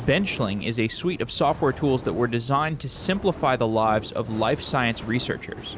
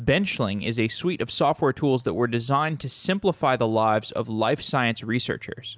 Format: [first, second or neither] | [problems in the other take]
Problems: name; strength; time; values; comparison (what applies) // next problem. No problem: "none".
second | background sound (Fire); 14 dB below the speech